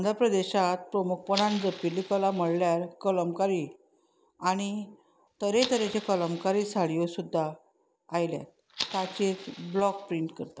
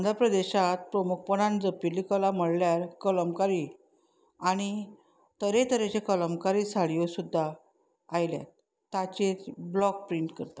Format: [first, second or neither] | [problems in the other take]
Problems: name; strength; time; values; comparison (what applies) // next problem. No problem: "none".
second | background sound (Fire); 13 dB below the speech